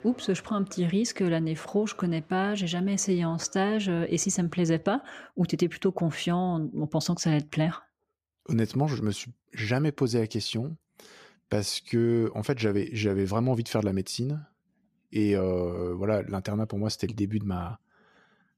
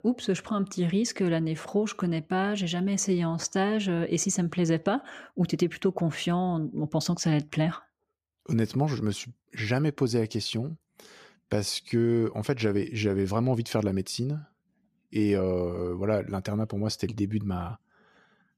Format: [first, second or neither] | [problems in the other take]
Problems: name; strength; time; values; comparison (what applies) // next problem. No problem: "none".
second | train or aircraft noise; very faint; until 4.5 s; 30 dB below the speech